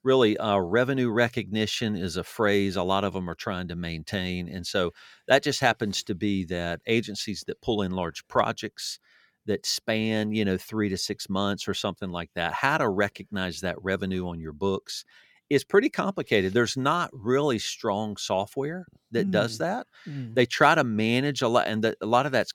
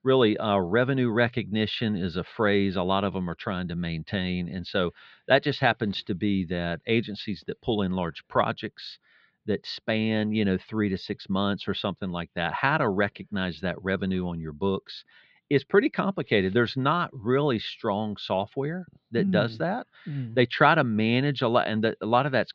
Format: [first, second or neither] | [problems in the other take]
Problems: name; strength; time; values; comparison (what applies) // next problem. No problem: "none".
first | muffled; slightly; fading above 4 kHz